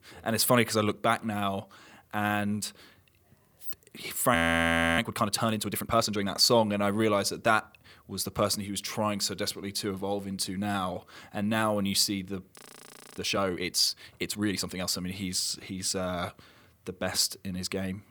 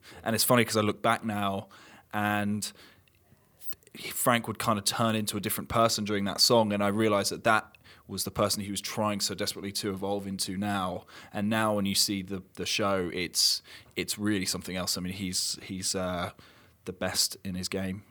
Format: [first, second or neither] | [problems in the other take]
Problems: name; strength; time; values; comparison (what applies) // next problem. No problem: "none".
second | audio freezing; at 4.5 s for 0.5 s and at 13 s for 0.5 s